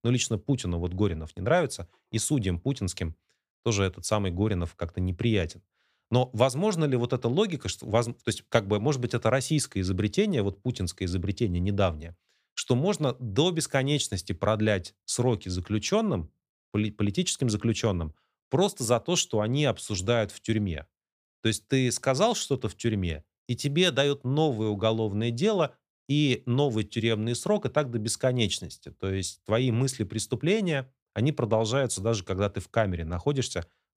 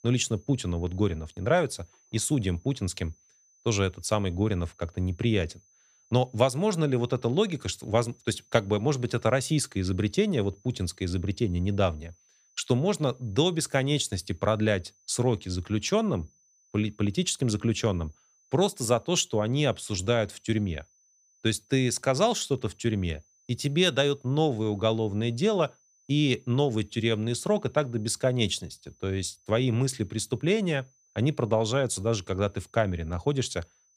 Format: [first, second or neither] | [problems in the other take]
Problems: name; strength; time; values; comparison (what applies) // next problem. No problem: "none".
first | high-pitched whine; faint; throughout; 6 kHz, 35 dB below the speech